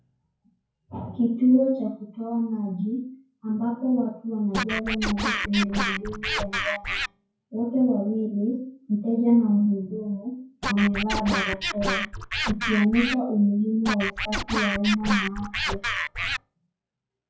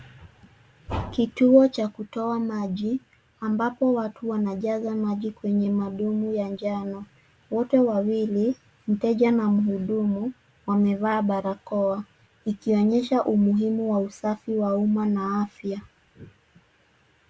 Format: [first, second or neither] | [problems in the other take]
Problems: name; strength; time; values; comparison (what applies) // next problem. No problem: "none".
second | noise reduction (classical method WPE with log-MMSE)